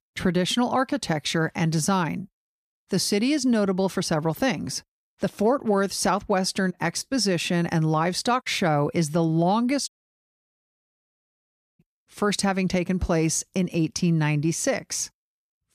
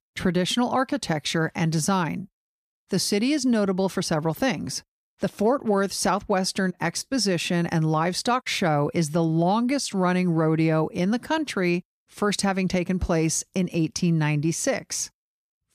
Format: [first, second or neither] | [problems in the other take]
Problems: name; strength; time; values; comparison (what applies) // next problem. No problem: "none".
second | audio cutting out; at 10 s for 2 s